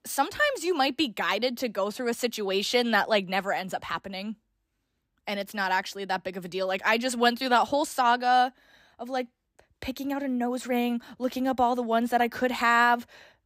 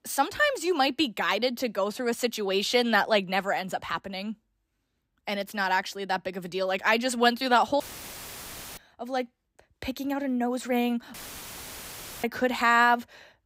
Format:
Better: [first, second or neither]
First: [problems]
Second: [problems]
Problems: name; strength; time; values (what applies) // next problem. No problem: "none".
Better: first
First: none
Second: audio cutting out; filled with static; at 8 s for 1 s and at 11 s for 1 s